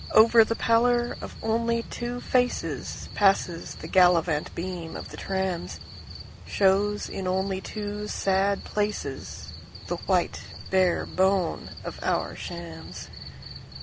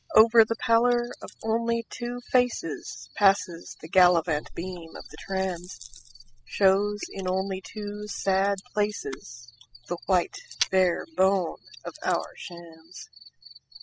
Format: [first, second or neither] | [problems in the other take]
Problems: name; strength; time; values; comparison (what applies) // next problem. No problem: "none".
first | noise reduction (classical method spectral subtraction)